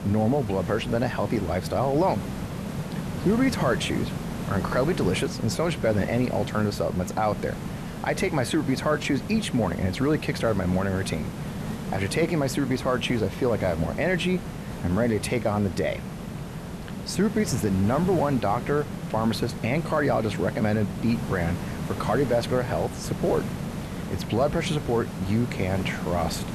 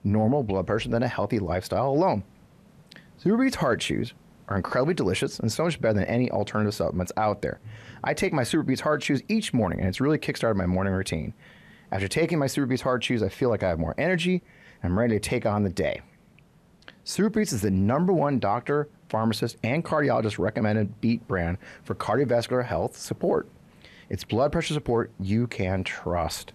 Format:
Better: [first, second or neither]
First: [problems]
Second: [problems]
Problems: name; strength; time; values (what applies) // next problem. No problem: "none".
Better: second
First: hiss; loud; throughout; 7 dB below the speech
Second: hiss; faint; throughout; 30 dB below the speech